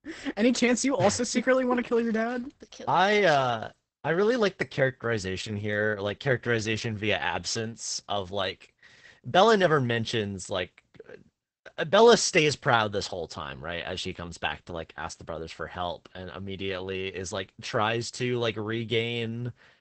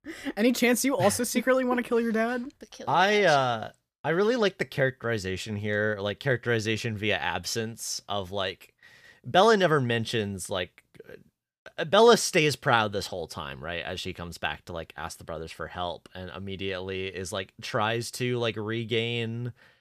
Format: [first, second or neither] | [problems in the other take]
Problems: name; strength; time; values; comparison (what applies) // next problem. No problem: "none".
second | garbled, watery; badly; nothing above 8 kHz